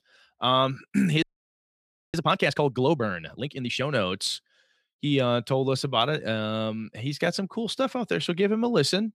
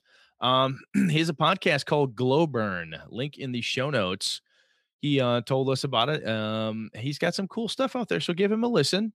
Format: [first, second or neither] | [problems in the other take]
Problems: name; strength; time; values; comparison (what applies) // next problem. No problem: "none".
second | audio freezing; at 1 s for 1 s